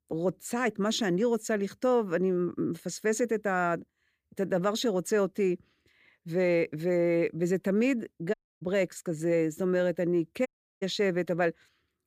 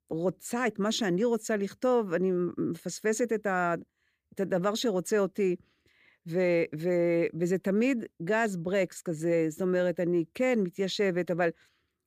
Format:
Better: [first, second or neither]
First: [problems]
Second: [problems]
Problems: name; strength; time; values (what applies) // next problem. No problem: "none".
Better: second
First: audio cutting out; at 8.5 s and at 10 s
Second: none